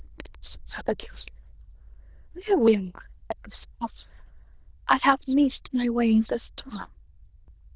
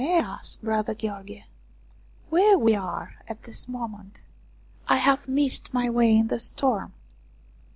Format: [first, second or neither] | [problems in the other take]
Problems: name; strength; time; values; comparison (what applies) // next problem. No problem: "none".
second | noise reduction (neural diffusion model UNIVERSE++)